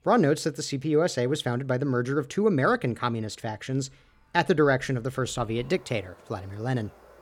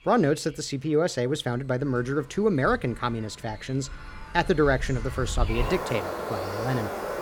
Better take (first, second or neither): first